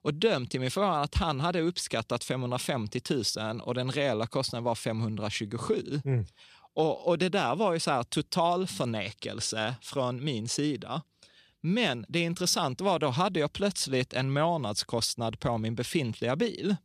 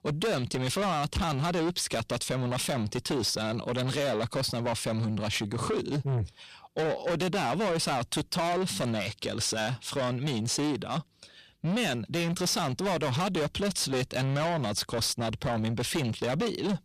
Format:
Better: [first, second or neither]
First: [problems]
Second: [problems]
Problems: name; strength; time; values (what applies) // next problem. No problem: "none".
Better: first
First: none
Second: distortion; heavy; 6 dB below the speech